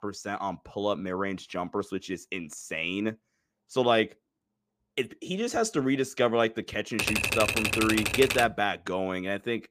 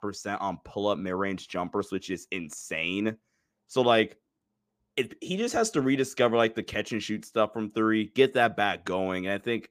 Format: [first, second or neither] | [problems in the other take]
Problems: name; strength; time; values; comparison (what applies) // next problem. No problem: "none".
second | keyboard typing; loud; from 7 to 8.5 s; peak 3 dB above the speech